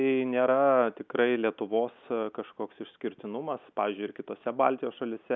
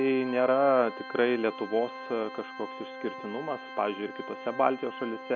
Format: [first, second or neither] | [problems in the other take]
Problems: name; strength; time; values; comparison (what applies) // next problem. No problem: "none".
first | background sound (Organ); 13 dB below the speech